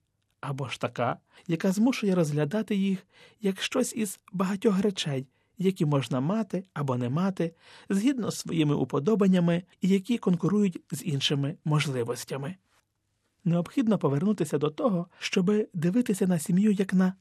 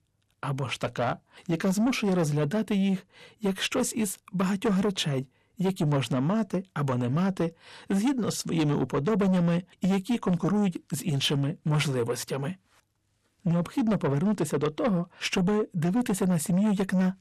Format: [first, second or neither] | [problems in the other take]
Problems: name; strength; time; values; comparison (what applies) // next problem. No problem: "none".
first | distortion; slight; 10 dB below the speech